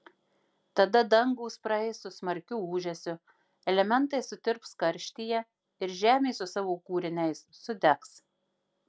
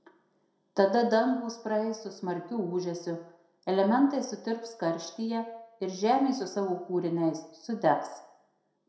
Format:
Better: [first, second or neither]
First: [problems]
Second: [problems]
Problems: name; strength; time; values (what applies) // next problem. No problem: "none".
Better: first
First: none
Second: room echo; dies away in 0.6 s